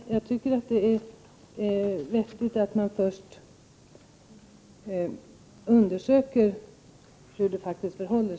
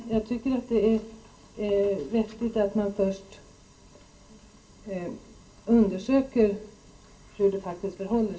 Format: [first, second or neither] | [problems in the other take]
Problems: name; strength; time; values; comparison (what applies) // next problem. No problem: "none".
first | room echo; dies away in 0.2 s